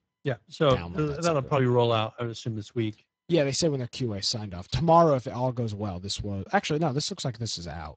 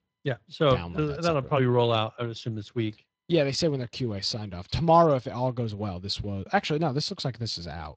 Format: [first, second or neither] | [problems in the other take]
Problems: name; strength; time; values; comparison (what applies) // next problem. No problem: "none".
second | garbled, watery; badly; nothing above 8 kHz; slightly in the second